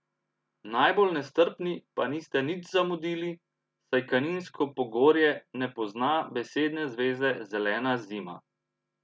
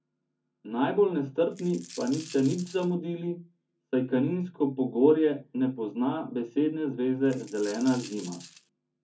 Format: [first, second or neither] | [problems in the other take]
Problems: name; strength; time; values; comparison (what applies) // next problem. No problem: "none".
first | background sound (Coin (dropping)); 18 dB below the speech // room echo; dies away in 0.3 s